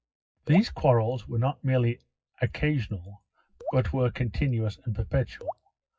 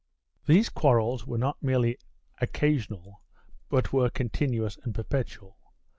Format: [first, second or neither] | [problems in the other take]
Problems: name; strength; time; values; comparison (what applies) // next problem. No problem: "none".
second | noise reduction (classical method WPE with log-MMSE)